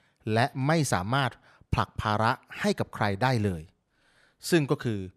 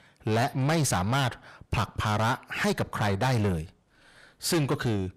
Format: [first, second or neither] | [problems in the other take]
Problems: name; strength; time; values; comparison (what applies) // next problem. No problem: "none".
first | distortion; heavy; 6 dB below the speech